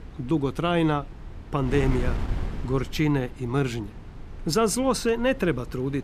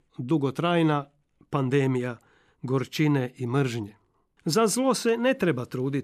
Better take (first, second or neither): second